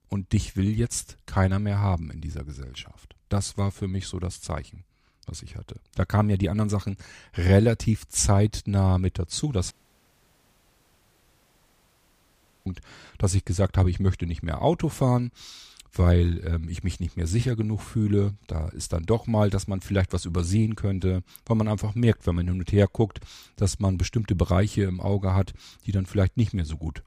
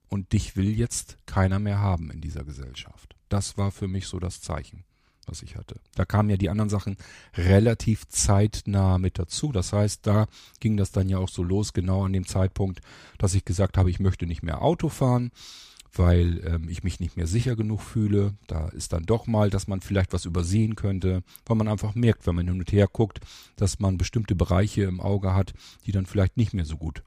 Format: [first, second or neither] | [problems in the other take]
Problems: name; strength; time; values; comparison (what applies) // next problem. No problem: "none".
second | audio cutting out; at 9.5 s for 3 s